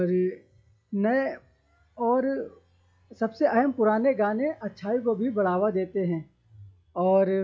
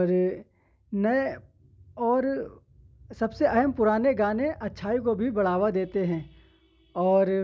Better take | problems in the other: second | noise reduction (classical method log-MMSE)

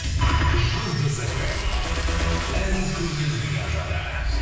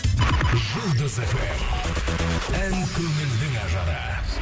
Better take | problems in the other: second | background sound (Crumpling, crinkling); 18 dB below the speech // room echo; dies away in 0.9 s

